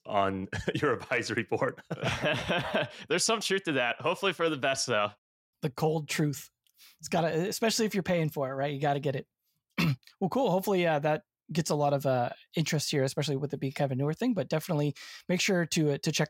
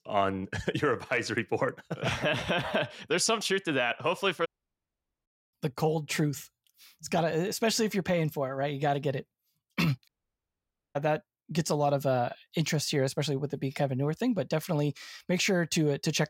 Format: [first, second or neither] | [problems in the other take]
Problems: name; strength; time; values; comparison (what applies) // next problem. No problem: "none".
first | audio cutting out; at 4.5 s for 1 s and at 10 s for 1 s